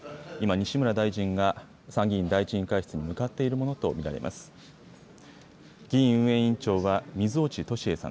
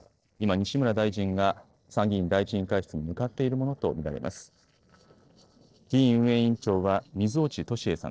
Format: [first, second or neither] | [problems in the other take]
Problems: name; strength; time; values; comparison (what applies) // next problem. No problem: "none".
first | noise reduction (neural separator model SepFormer DNS4)